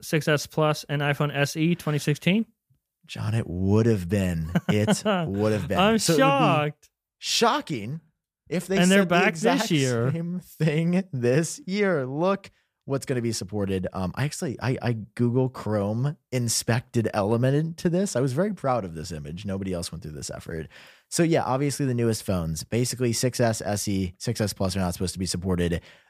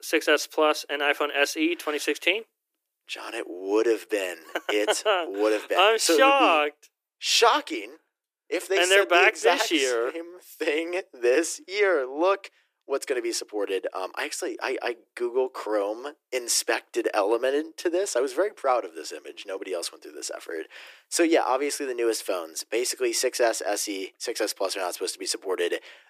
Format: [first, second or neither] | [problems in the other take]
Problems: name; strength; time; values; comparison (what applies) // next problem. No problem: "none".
first | thin; very; fading below 300 Hz